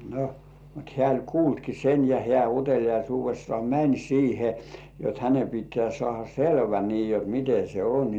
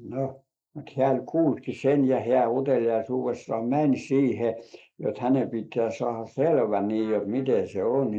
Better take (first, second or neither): first